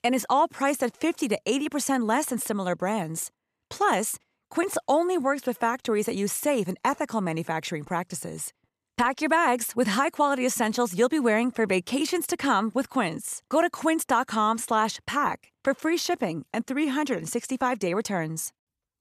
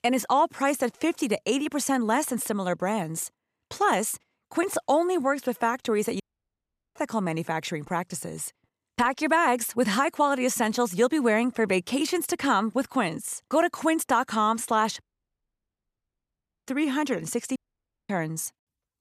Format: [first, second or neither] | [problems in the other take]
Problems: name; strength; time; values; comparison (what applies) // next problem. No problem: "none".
first | audio cutting out; at 6 s for 1 s, at 15 s for 1.5 s and at 18 s for 0.5 s